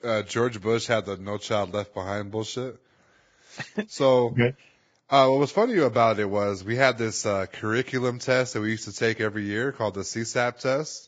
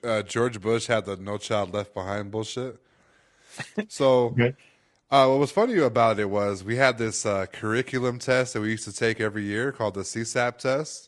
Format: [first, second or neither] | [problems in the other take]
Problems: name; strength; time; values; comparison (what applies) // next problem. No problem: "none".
second | garbled, watery; badly; nothing above 7.5 kHz; slightly in the second